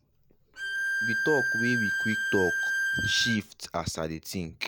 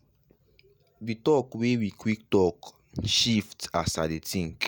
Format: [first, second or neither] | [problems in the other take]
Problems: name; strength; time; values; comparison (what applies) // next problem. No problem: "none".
second | background sound (Bowed string instrument); 2 dB above the speech